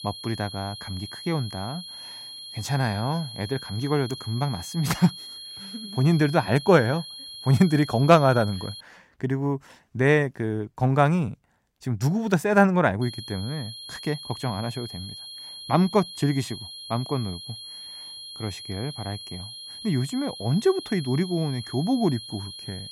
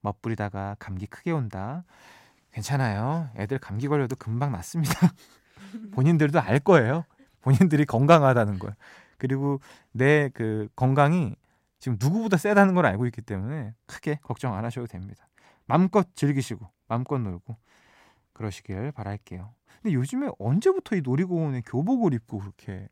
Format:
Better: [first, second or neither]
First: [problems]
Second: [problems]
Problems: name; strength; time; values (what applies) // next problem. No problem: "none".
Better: second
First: high-pitched whine; noticeable; until 9 s and from 13 s on; 4 kHz, 10 dB below the speech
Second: none